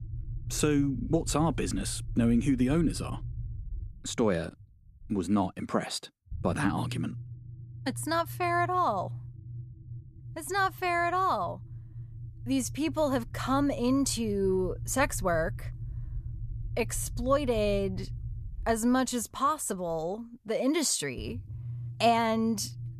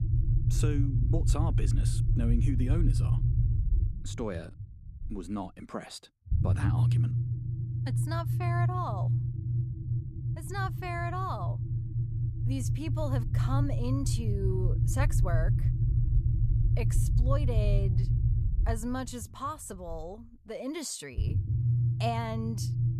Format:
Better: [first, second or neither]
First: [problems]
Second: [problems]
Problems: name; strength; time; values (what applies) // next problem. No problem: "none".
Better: first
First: low rumble; faint; throughout; 25 dB below the speech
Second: low rumble; loud; throughout; 5 dB below the speech